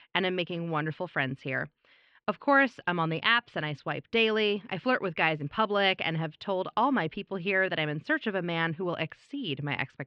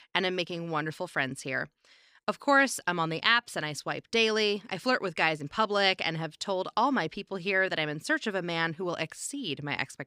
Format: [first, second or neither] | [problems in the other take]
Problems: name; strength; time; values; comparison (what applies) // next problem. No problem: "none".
second | muffled; slightly; fading above 3 kHz